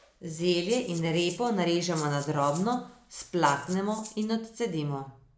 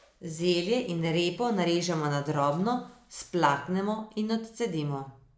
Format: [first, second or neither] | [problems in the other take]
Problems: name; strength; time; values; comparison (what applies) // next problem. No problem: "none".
second | background sound (Rattle (instrument)); 16 dB below the speech